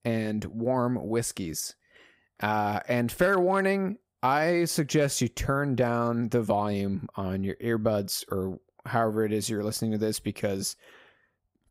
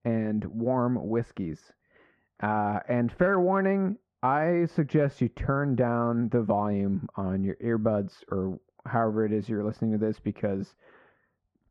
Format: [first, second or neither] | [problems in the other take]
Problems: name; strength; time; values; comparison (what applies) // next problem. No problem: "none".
first | muffled; very; fading above 1.5 kHz